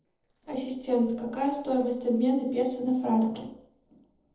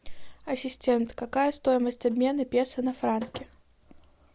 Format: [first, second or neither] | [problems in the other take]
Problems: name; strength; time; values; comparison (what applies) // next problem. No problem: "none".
second | noise reduction (neural separator model SepFormer DNS4)